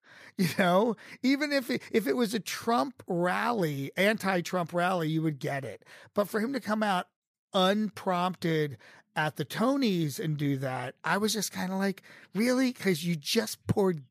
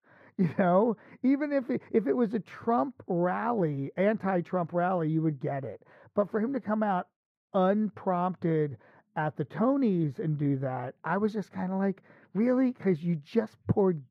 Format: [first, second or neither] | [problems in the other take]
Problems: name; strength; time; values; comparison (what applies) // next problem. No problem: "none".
first | muffled; very; fading above 3 kHz